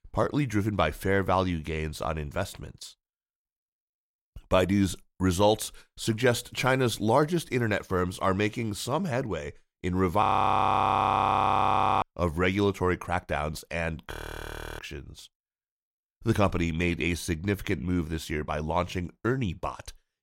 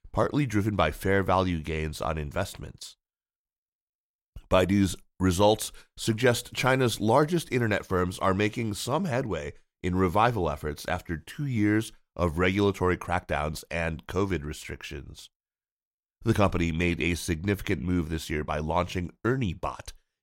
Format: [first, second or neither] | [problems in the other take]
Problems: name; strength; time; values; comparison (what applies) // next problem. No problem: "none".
second | audio freezing; at 10 s for 2 s and at 14 s for 0.5 s